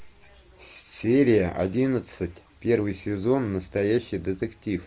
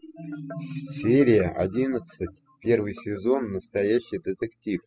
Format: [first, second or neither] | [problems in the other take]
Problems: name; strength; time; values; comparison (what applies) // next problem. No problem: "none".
first | noise reduction (classical method spectral subtraction)